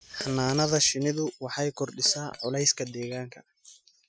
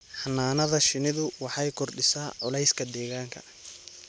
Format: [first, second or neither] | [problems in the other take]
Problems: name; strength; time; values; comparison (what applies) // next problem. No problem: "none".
second | noise reduction (classical method Wiener filter)